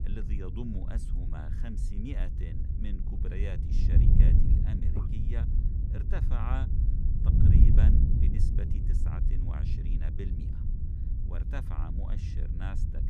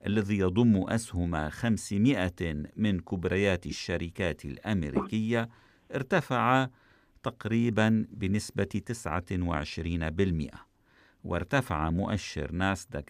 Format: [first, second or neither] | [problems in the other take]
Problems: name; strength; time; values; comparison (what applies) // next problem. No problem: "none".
second | wind noise on the microphone; heavy; 2 dB above the speech